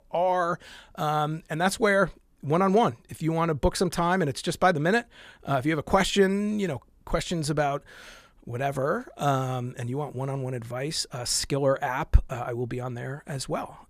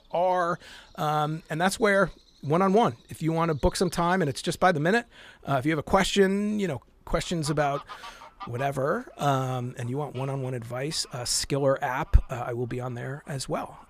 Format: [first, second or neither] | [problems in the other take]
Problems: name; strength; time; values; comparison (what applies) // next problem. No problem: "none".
first | animal sounds; faint; throughout; 25 dB below the speech